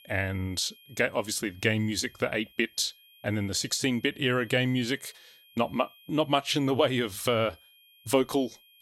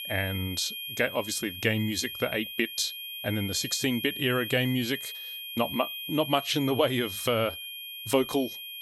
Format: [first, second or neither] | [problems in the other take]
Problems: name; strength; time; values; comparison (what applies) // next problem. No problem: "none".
first | high-pitched whine; loud; throughout; 3 kHz, 7 dB below the speech; faint in the first